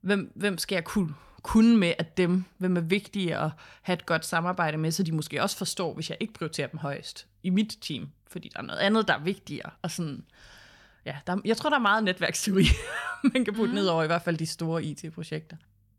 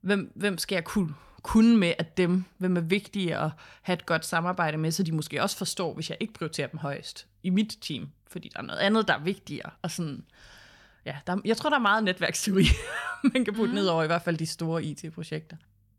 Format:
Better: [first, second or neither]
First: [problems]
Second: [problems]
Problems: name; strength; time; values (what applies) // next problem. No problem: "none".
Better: neither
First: none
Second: none